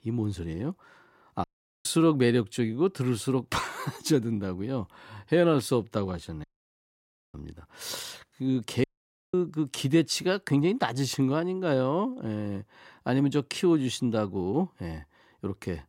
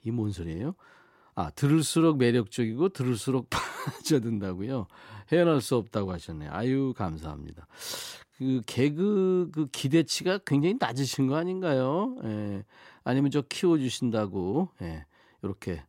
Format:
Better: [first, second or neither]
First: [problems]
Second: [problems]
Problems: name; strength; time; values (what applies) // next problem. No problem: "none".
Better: second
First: audio cutting out; at 1.5 s, at 6.5 s for 1 s and at 9 s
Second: none